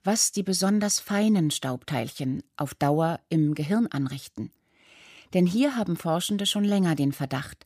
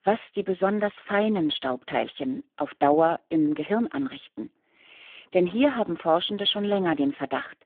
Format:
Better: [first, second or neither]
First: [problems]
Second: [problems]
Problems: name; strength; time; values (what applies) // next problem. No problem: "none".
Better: first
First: none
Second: phone-call audio; poor line; nothing above 3.5 kHz